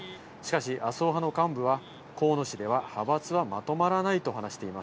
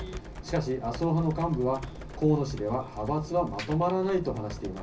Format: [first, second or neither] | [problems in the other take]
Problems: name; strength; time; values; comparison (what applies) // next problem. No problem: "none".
first | background sound (Computer keyboard); 13 dB below the speech // room echo; dies away in 0.4 s